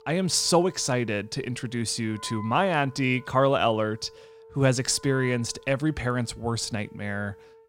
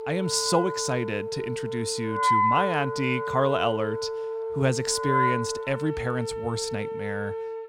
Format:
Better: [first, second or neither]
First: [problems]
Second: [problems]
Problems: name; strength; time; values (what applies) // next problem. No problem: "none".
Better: first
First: background music; faint; throughout; 20 dB below the speech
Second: background music; loud; throughout; 1 dB below the speech